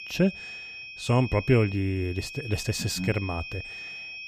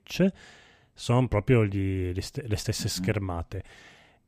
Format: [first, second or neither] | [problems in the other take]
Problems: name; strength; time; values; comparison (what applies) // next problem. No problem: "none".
second | high-pitched whine; noticeable; throughout; 2.5 kHz, 10 dB below the speech